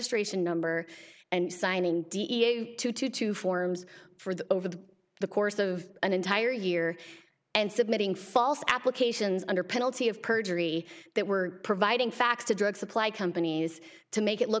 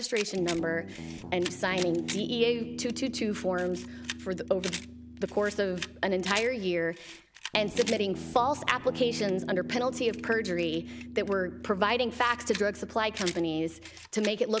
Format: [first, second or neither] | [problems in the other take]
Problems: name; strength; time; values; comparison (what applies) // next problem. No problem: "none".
first | background sound (Guitar + Camera); 10 dB below the speech